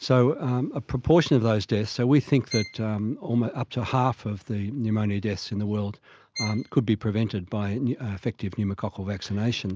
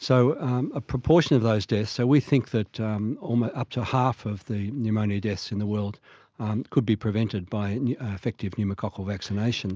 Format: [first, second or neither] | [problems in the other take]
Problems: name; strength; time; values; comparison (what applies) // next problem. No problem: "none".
second | background sound (Bowed string instrument); 15 dB below the speech